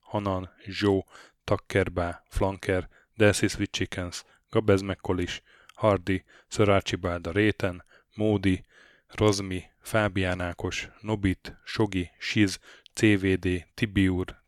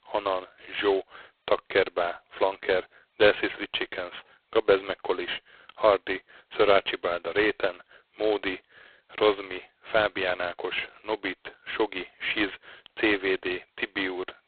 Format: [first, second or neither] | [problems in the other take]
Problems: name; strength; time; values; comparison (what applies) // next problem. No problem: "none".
first | phone-call audio; poor line; nothing above 4 kHz